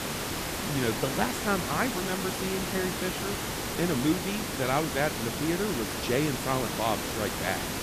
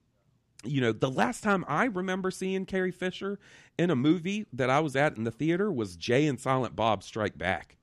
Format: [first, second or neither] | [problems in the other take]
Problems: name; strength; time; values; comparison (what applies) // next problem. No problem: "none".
second | hiss; loud; throughout; 1 dB below the speech